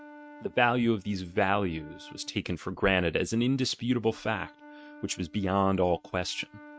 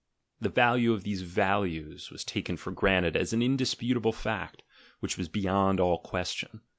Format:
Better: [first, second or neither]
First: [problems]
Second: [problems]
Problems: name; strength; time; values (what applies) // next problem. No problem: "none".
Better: second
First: noise reduction (neural mask model RNNoise)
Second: none